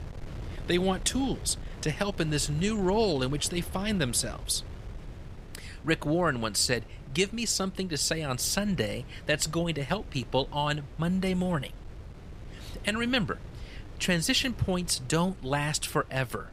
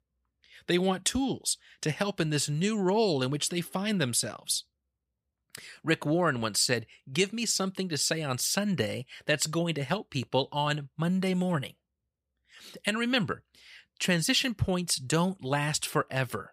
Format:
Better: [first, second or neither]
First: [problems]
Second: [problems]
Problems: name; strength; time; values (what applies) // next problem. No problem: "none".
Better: second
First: wind noise on the microphone; occasional gusts; 20 dB below the speech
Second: none